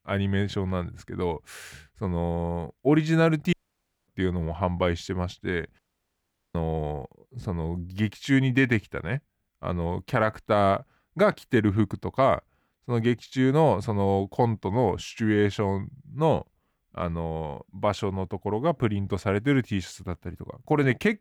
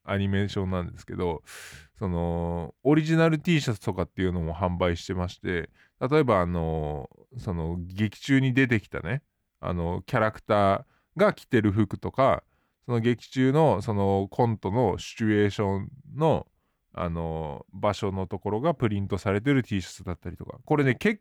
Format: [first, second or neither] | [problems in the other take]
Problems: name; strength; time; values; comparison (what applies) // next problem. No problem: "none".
second | audio cutting out; at 3.5 s for 0.5 s and at 6 s for 1 s